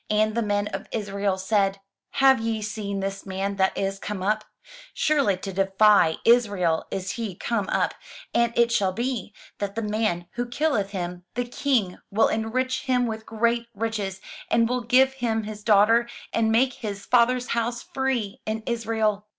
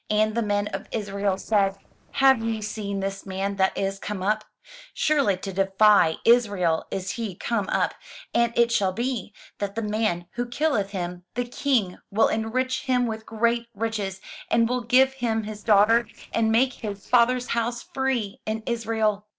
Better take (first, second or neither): first